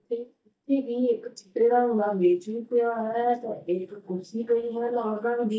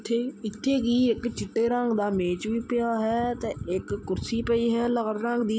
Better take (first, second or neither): second